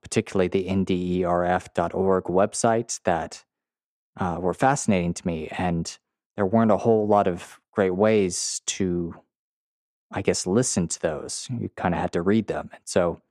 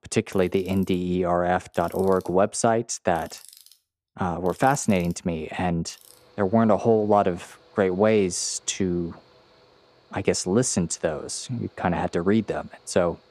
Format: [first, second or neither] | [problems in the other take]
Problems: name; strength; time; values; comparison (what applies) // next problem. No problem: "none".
first | machinery noise; faint; throughout; 30 dB below the speech